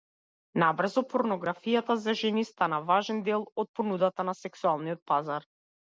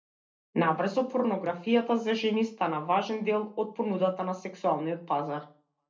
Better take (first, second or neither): first